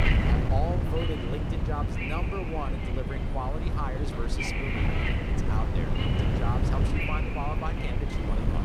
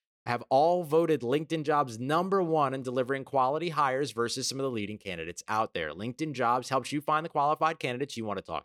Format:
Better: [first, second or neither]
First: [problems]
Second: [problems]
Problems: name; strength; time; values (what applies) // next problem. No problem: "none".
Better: second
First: wind noise on the microphone; heavy; 2 dB above the speech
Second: none